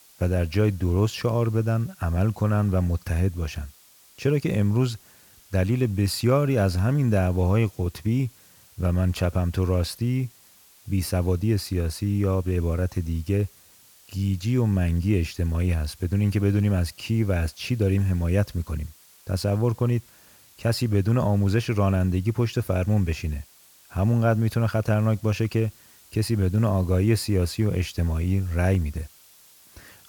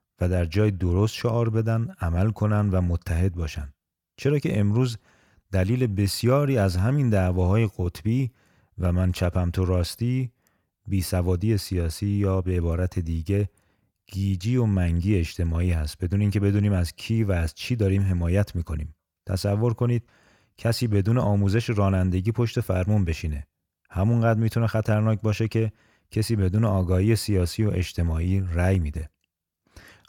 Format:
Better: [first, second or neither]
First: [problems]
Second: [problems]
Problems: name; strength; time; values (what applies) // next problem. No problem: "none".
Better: second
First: hiss; faint; throughout; 25 dB below the speech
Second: none